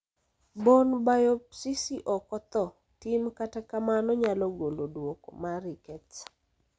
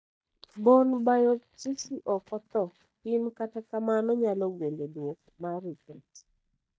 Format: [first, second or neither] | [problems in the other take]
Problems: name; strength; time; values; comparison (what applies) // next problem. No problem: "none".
first | noise reduction (neural mask model DeepFilterNet 3)